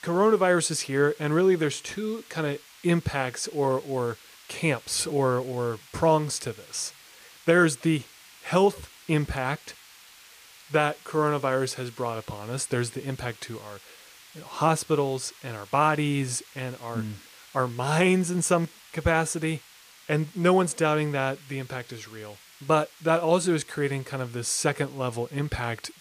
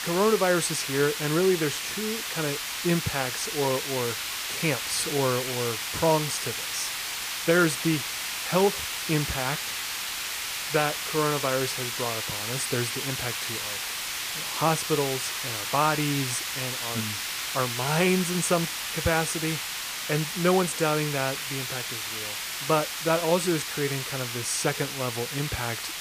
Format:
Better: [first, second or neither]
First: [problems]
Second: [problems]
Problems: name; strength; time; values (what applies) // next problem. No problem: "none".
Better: first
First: hiss; faint; throughout; 20 dB below the speech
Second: hiss; loud; throughout; 2 dB below the speech